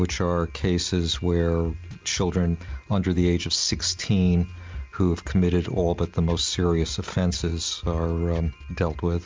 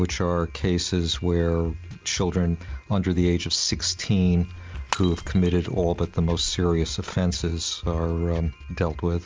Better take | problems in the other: first | background sound (Shatter / Crushing); 15 dB below the speech

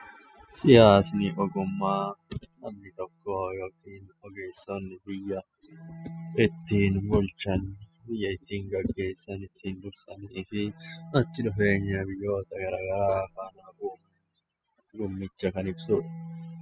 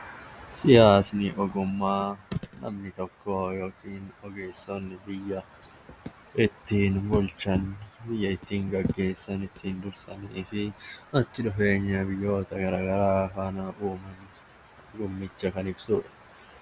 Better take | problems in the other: second | noise reduction (classical method spectral subtraction)

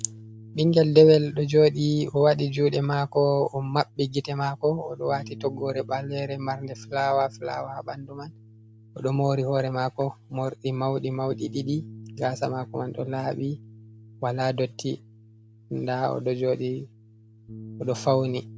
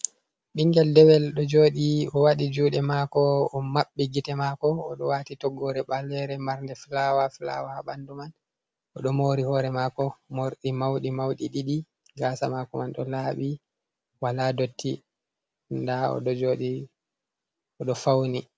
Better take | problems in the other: second | background sound (Bass guitar); 19 dB below the speech

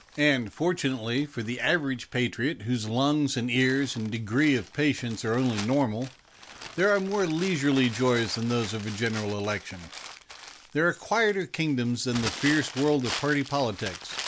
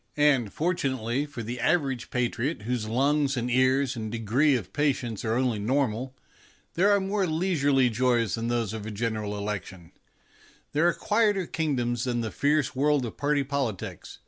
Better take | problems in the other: second | background sound (Crumpling, crinkling); 15 dB below the speech

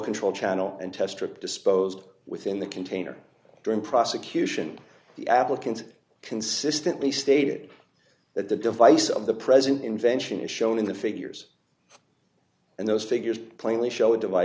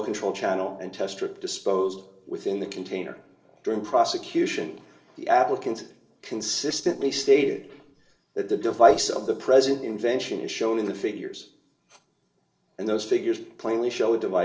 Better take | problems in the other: first | noise reduction (neural separator model SepFormer DNS4)

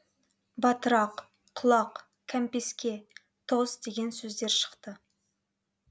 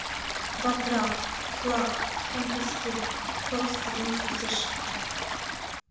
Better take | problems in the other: first | background sound (Stream); 1 dB above the speech // room echo; dies away in 0.7 s

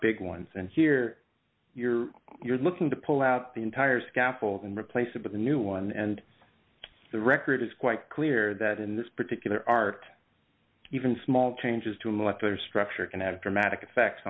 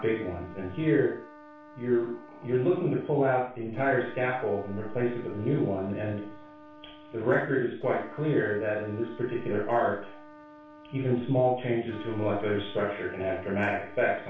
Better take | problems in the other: first | background sound (Trumpet); 20 dB below the speech // room echo; dies away in 0.4 s

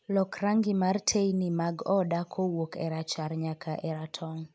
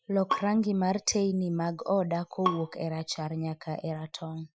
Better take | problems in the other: first | noise reduction (classical method Wiener filter)

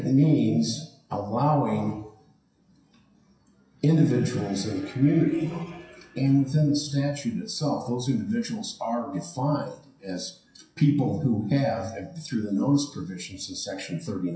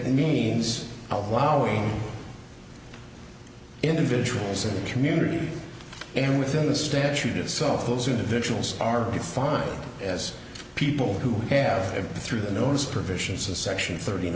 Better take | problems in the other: second | noise reduction (classical method WPE with log-MMSE)

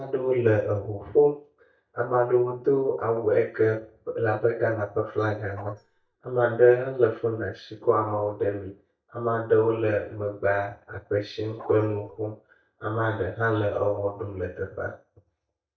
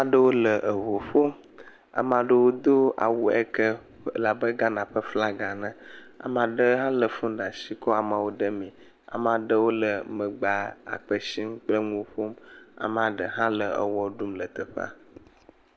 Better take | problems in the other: second | noise reduction (neural mask model DeepFilterNet 3)

